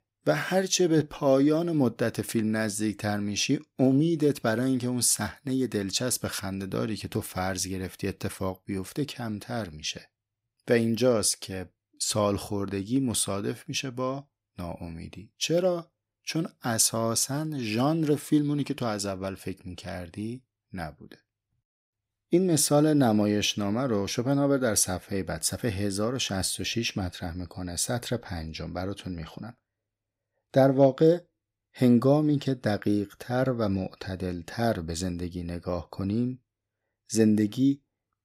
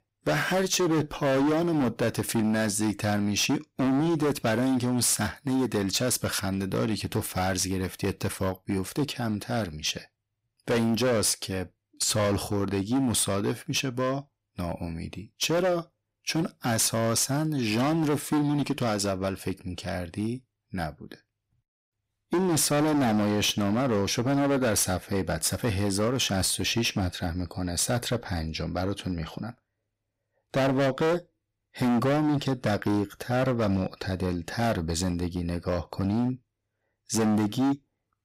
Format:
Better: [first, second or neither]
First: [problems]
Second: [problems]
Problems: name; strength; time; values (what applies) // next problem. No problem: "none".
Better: first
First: none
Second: distortion; heavy; 15% of the sound clipped